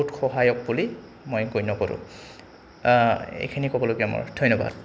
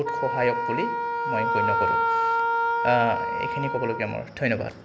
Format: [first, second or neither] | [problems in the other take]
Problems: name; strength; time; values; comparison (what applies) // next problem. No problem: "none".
first | background sound (Wind instrument, woodwind instrument); 2 dB above the speech